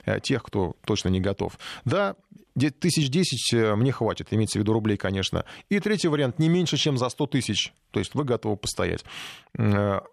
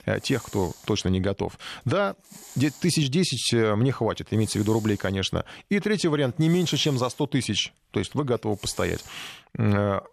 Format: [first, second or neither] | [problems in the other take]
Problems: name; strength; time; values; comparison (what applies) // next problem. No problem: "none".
first | hiss; noticeable; throughout; 20 dB below the speech